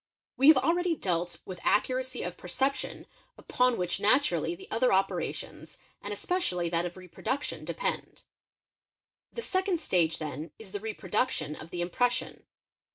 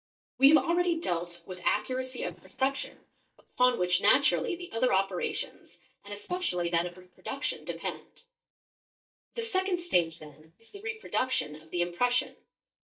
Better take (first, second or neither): first